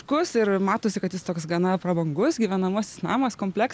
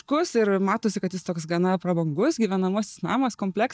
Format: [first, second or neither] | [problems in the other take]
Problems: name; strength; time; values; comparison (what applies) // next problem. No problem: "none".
first | noise reduction (neural mask model DeepFilterNet 3)